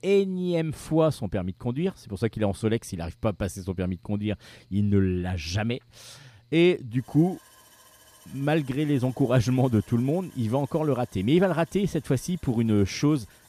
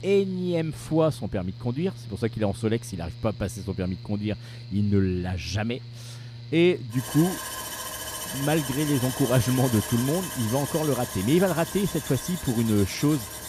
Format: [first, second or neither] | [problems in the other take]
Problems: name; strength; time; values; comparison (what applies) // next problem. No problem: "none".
first | machinery noise; loud; throughout; 9 dB below the speech; faint in the first